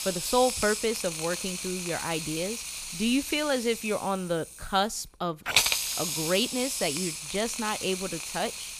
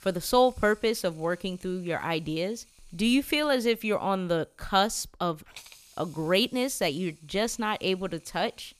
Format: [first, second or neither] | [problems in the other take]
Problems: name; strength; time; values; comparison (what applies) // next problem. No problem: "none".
second | hiss; loud; throughout; 1 dB below the speech; faint in the second